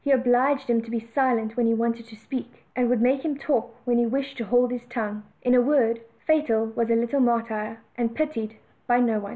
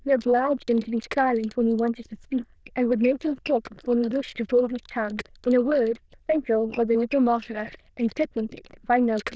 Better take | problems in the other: first | noise reduction (neural diffusion model UNIVERSE++)

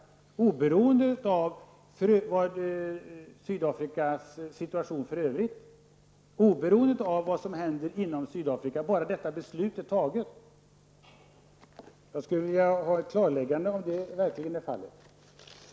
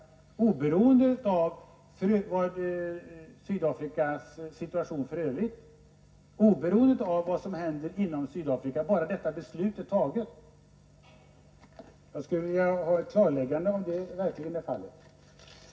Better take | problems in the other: first | room echo; dies away in 0.4 s

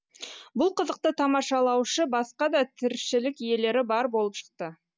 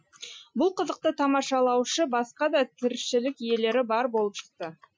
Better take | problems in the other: first | noise reduction (classical method Wiener filter)

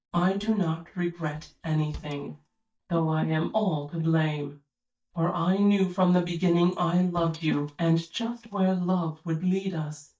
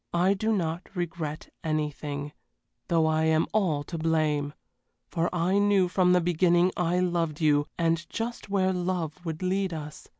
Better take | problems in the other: second | noise reduction (neural mask model DeepFilterNet 3)

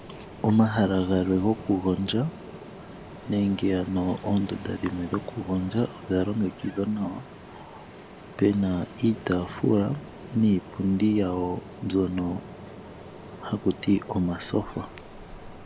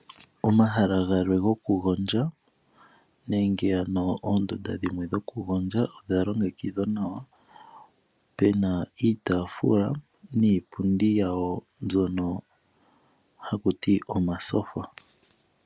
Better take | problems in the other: second | background sound (Ocean); 15 dB below the speech

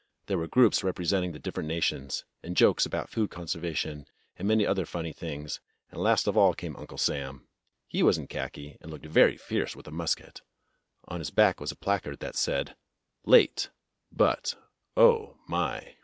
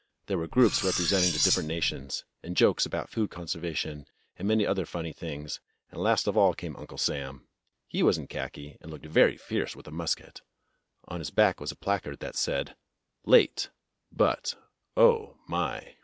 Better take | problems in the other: first | background sound (Cutlery, silverware); 2 dB below the speech

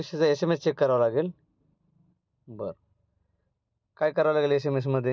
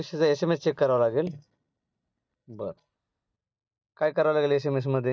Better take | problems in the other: first | noise reduction (neural mask model DeepFilterNet 3)

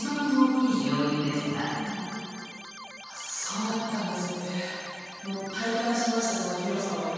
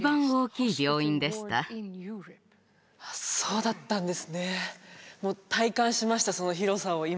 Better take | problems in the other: second | background sound (Keyboard (musical)); 14 dB below the speech // room echo; dies away in 2.1 s

